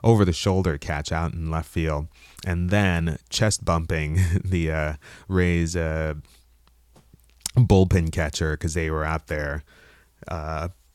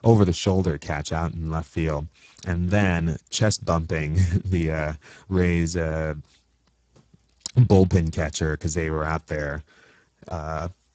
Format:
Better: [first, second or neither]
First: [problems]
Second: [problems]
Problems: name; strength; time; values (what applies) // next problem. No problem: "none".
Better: first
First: none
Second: garbled, watery; badly; nothing above 7.5 kHz